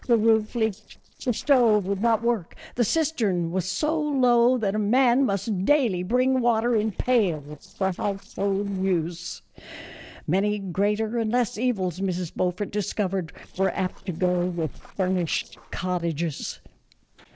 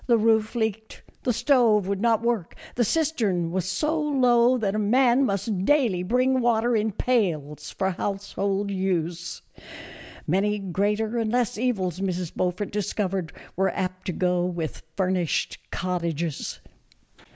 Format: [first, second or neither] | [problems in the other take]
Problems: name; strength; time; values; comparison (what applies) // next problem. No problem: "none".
second | noise reduction (neural separator model SepFormer DNS4)